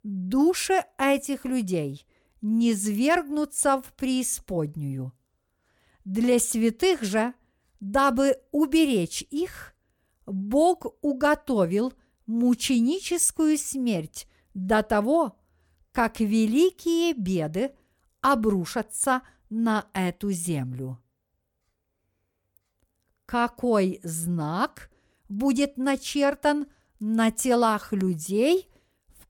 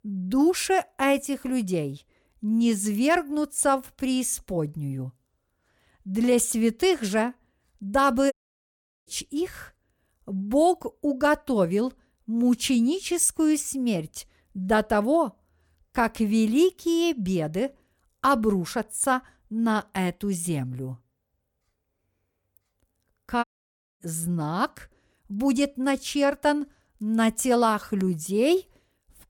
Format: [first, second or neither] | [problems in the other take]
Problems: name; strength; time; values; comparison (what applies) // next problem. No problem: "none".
first | audio cutting out; at 8.5 s for 0.5 s and at 23 s for 0.5 s